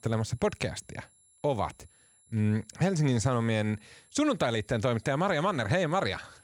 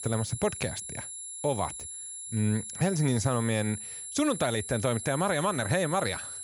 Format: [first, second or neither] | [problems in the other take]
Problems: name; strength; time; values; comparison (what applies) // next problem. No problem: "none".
first | high-pitched whine; loud; throughout; 10.5 kHz, 8 dB below the speech; faint in the first